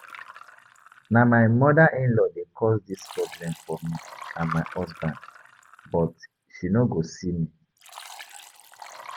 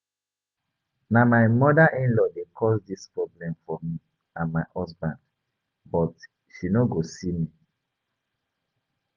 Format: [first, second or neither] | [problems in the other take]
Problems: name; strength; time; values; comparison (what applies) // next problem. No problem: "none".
second | background sound (Liquid); 19 dB below the speech